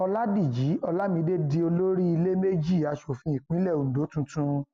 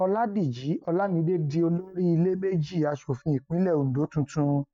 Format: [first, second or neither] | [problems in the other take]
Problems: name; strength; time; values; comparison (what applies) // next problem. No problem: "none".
first | noise reduction (neural mask model DeepFilterNet 3)